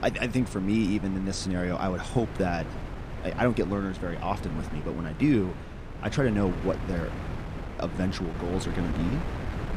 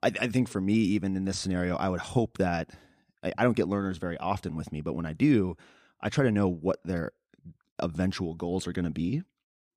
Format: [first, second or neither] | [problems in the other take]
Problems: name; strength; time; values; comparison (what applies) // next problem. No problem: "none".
second | wind noise on the microphone; heavy; 9 dB below the speech